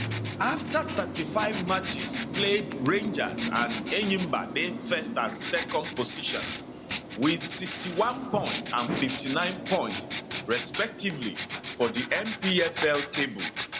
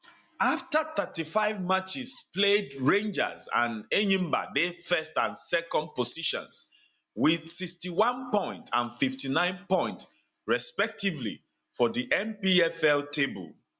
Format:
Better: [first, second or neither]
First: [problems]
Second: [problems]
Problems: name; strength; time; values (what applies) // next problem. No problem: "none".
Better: second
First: background sound (Writing); 5 dB below the speech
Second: none